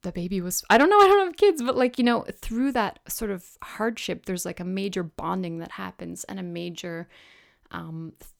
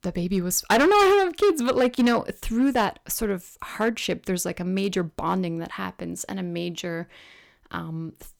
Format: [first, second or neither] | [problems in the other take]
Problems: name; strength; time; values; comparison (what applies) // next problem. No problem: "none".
first | distortion; heavy; 5% of the sound clipped